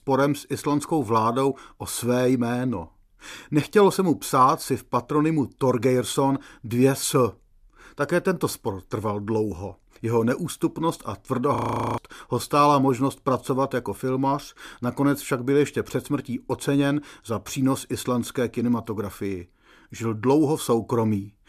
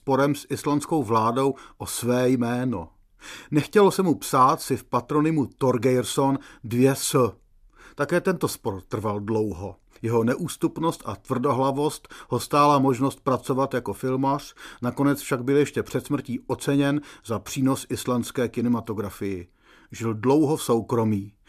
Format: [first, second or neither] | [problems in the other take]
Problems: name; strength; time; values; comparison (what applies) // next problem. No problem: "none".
second | audio freezing; at 12 s